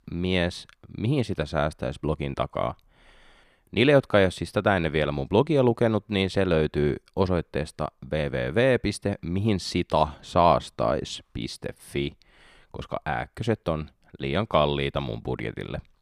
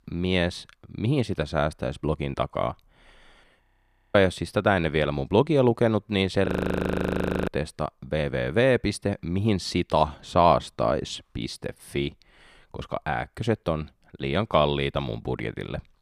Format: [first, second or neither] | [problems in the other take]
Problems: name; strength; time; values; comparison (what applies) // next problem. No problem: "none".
first | audio freezing; at 3.5 s for 0.5 s and at 6.5 s for 1 s